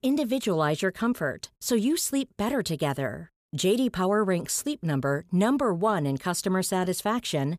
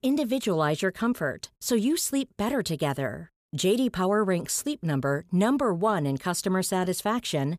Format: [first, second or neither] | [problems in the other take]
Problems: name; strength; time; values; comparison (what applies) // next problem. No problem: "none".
neither | none